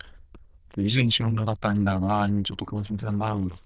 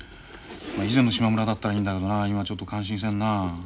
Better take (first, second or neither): second